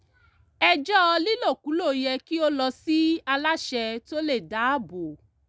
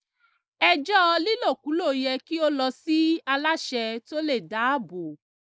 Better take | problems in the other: first | noise reduction (neural mask model Resemble Enhance denoiser)

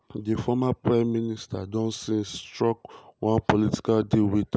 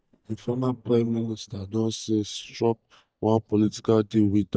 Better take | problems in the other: first | noise reduction (neural mask model DeepFilterNet 3)

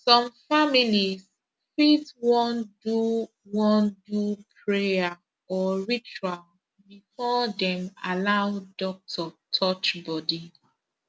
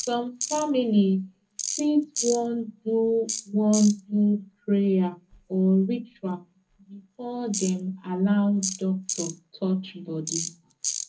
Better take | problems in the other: first | background sound (Tools); 11 dB below the speech // room echo; dies away in 0.3 s

